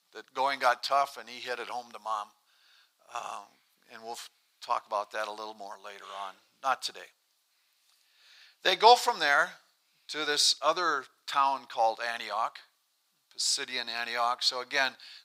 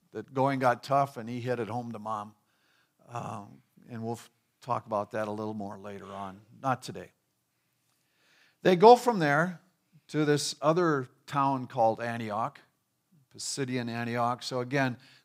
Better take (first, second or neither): second